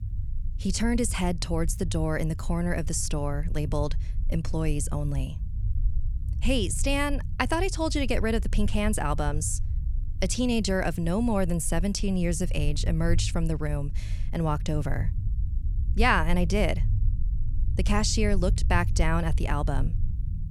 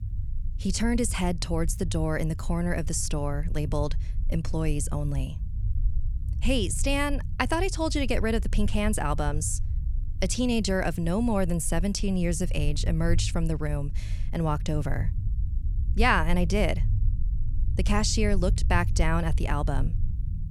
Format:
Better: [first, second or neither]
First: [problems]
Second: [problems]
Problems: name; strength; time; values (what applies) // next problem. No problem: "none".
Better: neither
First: low rumble; noticeable; throughout; 20 dB below the speech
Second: low rumble; noticeable; throughout; 20 dB below the speech